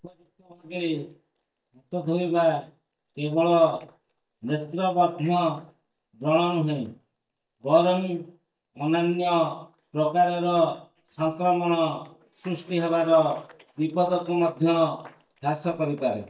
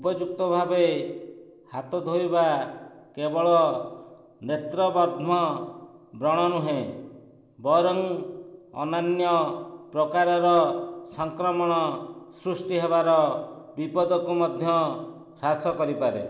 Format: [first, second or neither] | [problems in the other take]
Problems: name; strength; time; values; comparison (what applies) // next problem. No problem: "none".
second | noise reduction (neural mask model DeepFilterNet 3)